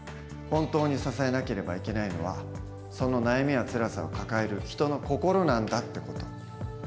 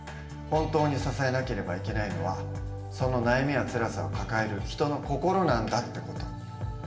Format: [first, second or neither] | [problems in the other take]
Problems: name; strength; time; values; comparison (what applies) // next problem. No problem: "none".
first | room echo; dies away in 0.7 s